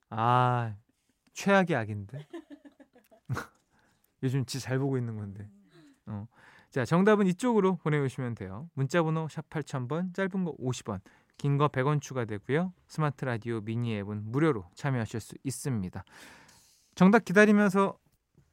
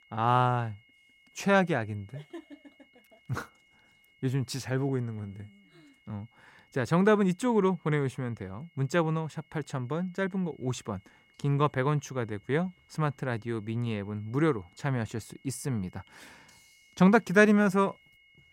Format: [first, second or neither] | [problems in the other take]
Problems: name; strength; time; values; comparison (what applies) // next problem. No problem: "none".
first | high-pitched whine; faint; throughout; 2 kHz, 35 dB below the speech